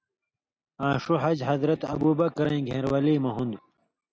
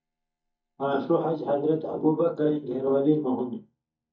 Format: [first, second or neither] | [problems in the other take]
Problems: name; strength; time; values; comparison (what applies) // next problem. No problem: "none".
first | noise reduction (neural mask model DeepFilterNet 3)